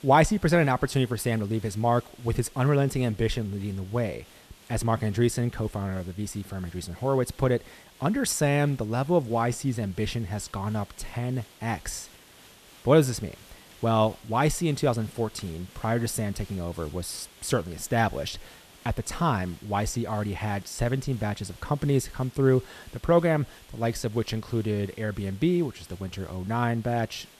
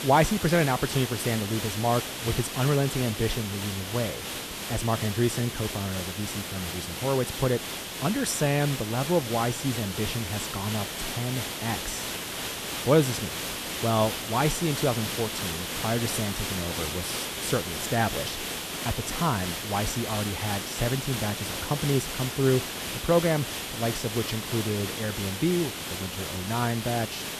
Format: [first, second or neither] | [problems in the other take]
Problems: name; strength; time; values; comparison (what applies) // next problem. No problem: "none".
first | hiss; loud; throughout; 3 dB below the speech; faint in the first